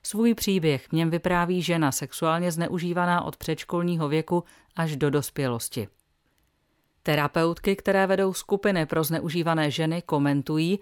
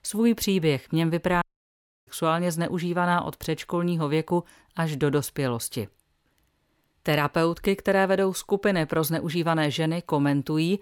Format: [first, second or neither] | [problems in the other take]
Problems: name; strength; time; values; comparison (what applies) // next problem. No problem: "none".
first | audio cutting out; at 1.5 s for 0.5 s